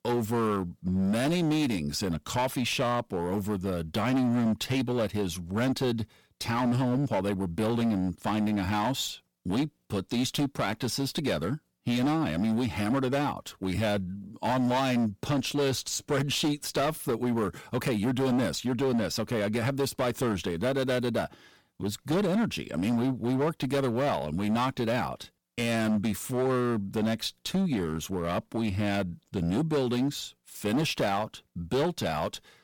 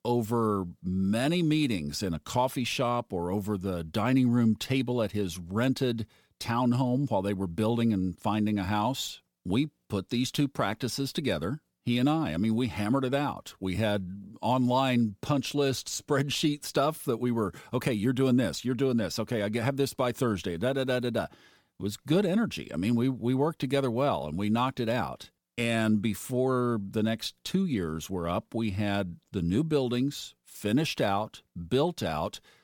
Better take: second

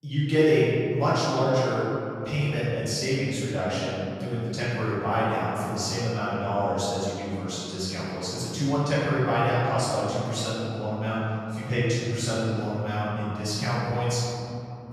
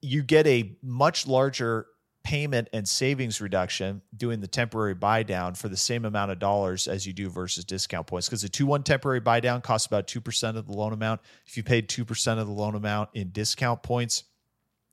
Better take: second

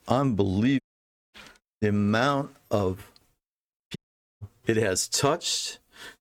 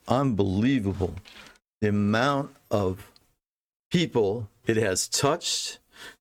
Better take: second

